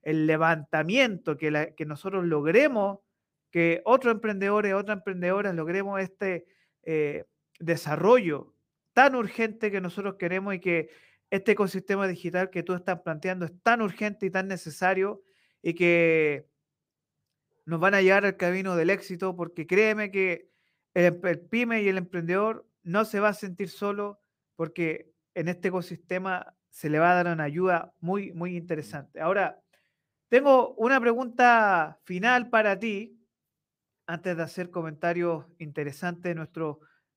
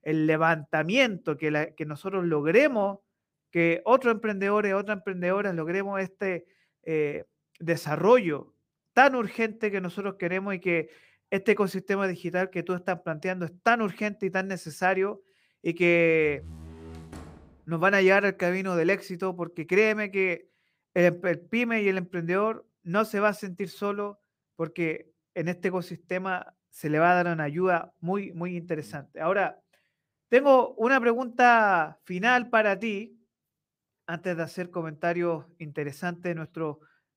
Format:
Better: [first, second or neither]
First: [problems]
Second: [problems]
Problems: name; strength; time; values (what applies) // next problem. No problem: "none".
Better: first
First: none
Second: door banging; faint; from 16 to 18 s; peak 15 dB below the speech